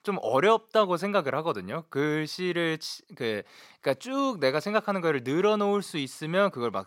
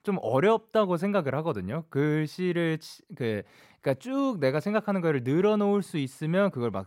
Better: second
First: thin; very slightly; fading below 400 Hz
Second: none

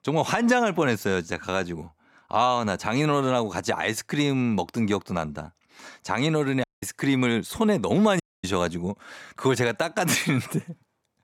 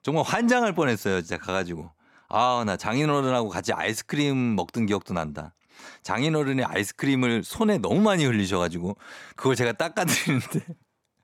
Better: second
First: audio cutting out; at 6.5 s and at 8 s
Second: none

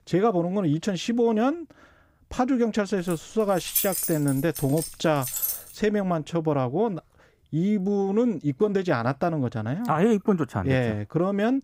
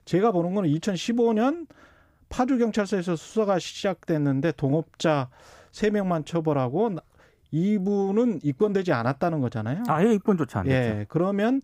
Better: second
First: jangling keys; loud; from 3 to 5.5 s; peak 1 dB above the speech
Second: none

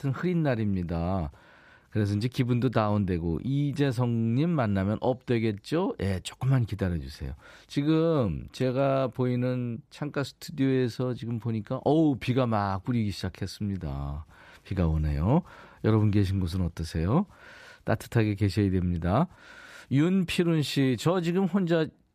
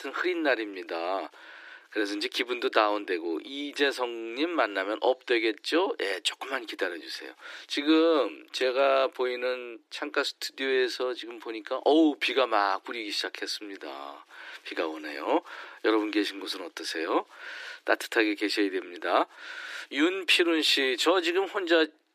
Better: first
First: none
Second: thin; very; fading below 300 Hz

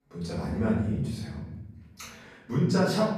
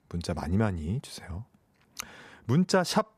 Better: second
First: off-mic speech; far // room echo; noticeable; dies away in 1.2 s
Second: none

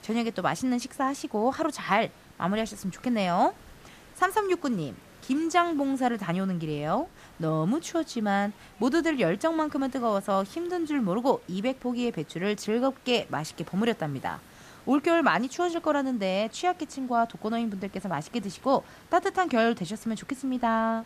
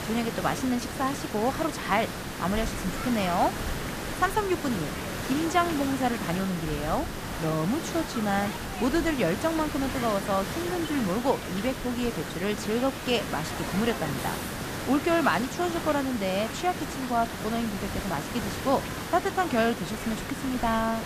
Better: first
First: hiss; faint; throughout; 25 dB below the speech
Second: hiss; loud; throughout; 5 dB below the speech

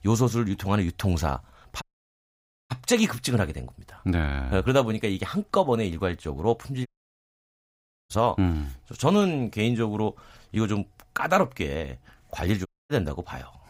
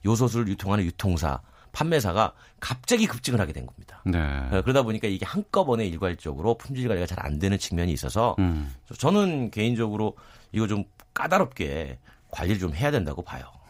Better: second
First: audio cutting out; at 2 s for 1 s, at 7 s for 1 s and at 13 s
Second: none

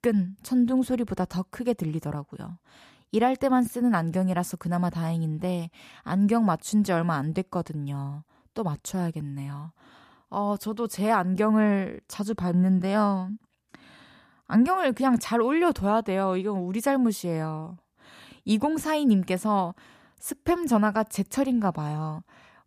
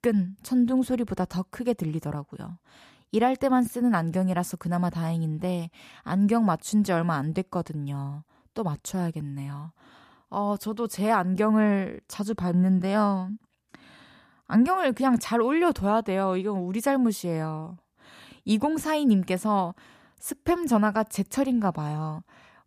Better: neither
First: none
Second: none

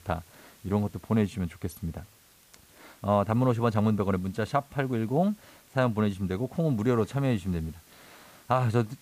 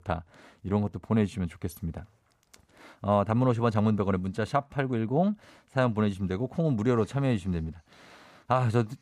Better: second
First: hiss; faint; throughout; 25 dB below the speech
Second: none

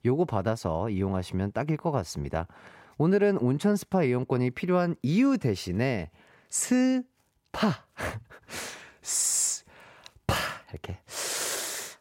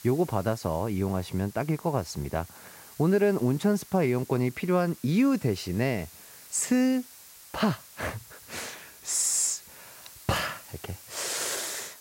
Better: first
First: none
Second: hiss; noticeable; throughout; 20 dB below the speech

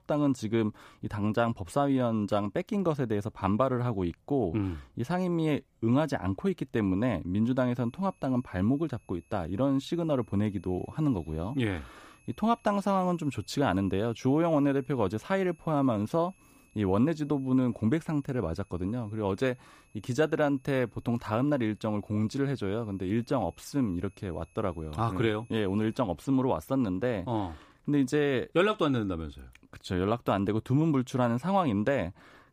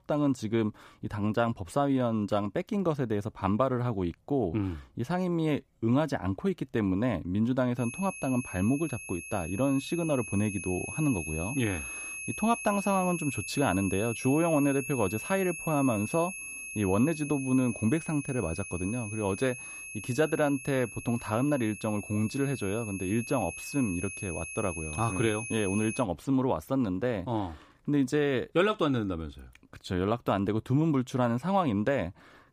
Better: first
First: high-pitched whine; faint; from 8 to 26 s; 2.5 kHz, 35 dB below the speech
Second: high-pitched whine; loud; from 8 to 26 s; 2.5 kHz, 8 dB below the speech

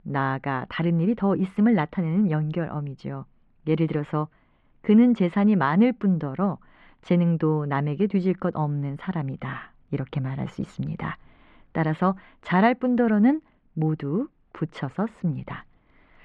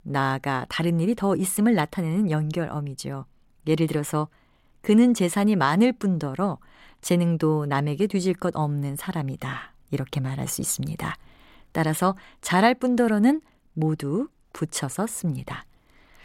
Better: second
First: muffled; very; fading above 2.5 kHz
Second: none

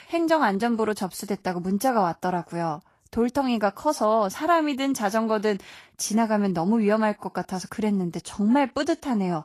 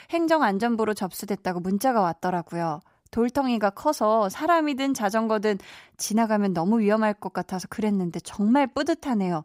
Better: second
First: garbled, watery; slightly; nothing above 12.5 kHz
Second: none

